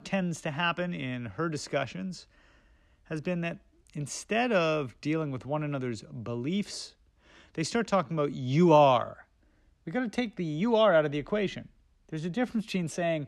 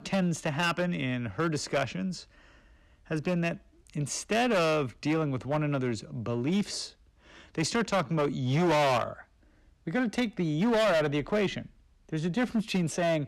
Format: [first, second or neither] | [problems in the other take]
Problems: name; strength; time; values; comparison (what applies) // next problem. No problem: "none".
first | distortion; heavy; 10% of the sound clipped